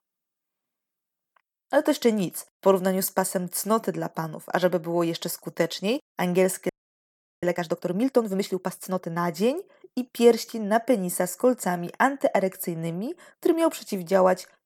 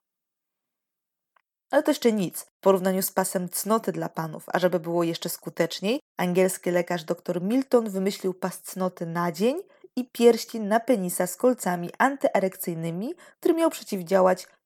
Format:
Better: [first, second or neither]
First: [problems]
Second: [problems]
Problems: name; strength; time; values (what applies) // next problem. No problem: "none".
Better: second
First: audio freezing; at 6.5 s for 0.5 s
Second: none